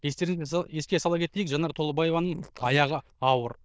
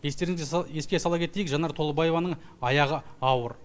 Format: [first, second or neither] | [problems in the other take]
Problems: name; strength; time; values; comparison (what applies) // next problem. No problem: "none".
second | noise reduction (neural diffusion model UNIVERSE++)